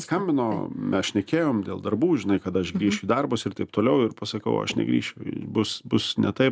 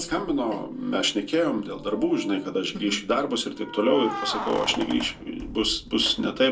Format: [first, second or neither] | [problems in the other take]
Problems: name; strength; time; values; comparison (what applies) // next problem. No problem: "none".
first | background sound (Keys jangling); 13 dB below the speech // room echo; dies away in 0.2 s